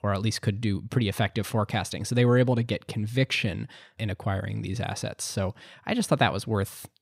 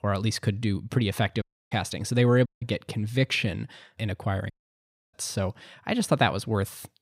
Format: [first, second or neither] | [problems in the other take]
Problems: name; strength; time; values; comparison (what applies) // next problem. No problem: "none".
first | audio cutting out; at 1.5 s, at 2.5 s and at 4.5 s for 0.5 s